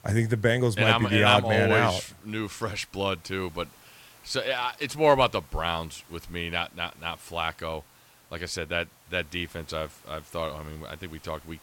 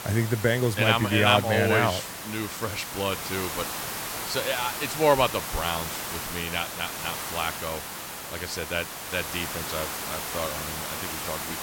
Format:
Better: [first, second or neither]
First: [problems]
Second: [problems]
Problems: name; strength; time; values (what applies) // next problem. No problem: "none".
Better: first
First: hiss; faint; throughout; 25 dB below the speech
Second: hiss; loud; throughout; 6 dB below the speech